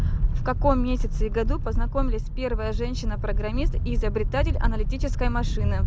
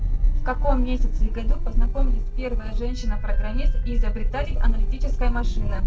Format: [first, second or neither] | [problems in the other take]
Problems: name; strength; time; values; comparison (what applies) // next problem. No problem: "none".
first | noise reduction (neural separator model SepFormer DNS4)